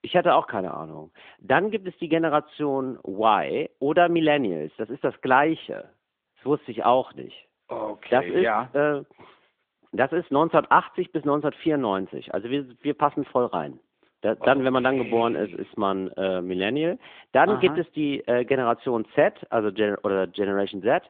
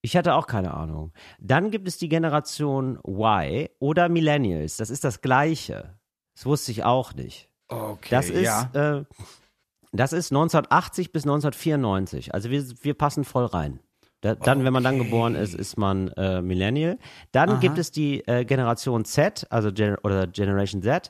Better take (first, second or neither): second